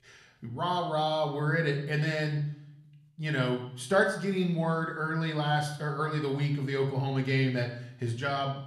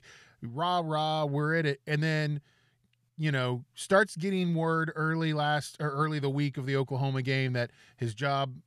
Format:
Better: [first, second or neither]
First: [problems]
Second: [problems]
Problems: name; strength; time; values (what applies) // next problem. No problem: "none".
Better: second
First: room echo; slight; dies away in 0.6 s // off-mic speech; somewhat distant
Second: none